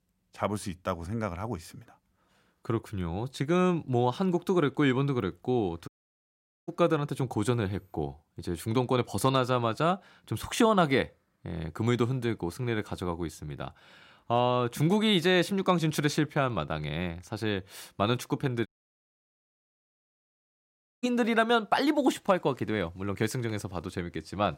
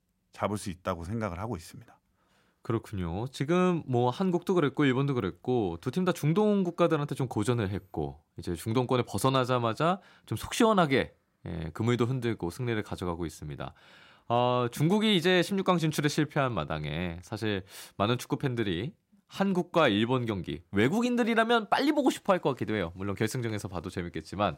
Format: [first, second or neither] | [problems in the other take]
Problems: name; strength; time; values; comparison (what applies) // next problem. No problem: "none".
second | audio cutting out; at 6 s for 1 s and at 19 s for 2.5 s